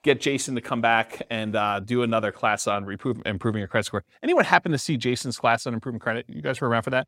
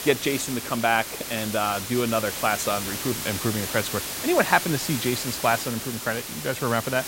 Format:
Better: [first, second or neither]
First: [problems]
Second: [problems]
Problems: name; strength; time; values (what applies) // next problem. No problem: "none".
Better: first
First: none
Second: hiss; loud; throughout; 5 dB below the speech